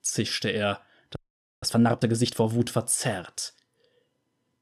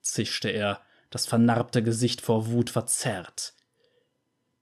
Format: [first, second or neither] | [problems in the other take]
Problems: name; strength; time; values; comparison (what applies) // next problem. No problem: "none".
second | audio freezing; at 1 s